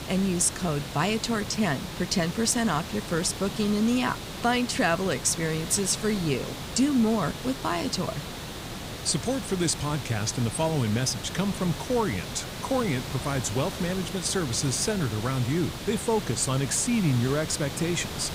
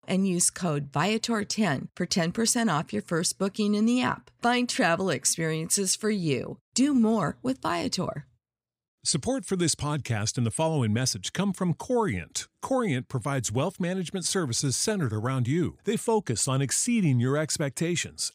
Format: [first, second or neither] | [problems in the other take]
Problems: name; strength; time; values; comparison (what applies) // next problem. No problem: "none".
second | hiss; loud; throughout; 9 dB below the speech